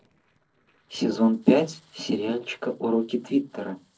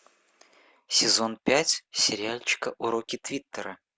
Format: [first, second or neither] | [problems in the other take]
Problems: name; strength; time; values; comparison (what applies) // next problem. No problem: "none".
second | noise reduction (neural separator model SepFormer DNS4)